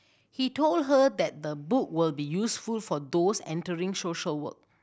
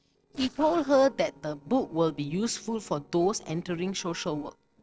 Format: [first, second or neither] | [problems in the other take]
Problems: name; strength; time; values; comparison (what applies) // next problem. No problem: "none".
first | noise reduction (neural separator model SepFormer DNS4)